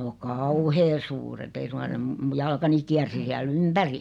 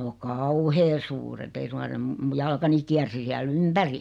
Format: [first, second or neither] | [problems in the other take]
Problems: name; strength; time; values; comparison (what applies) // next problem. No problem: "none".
second | background sound (Whoosh, swoosh, swish); 17 dB below the speech